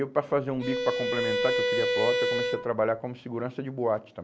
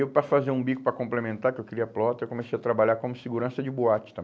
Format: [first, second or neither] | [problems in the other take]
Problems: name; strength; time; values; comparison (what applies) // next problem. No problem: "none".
second | background sound (Bowed string instrument); 2 dB above the speech